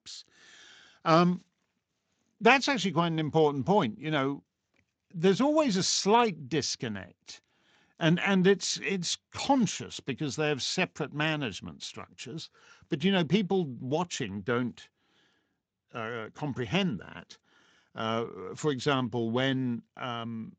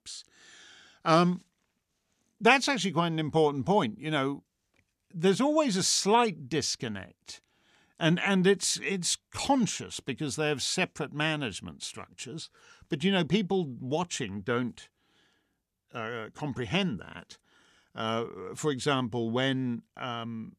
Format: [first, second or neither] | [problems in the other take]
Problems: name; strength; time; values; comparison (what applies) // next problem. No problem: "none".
second | garbled, watery; slightly; nothing above 7.5 kHz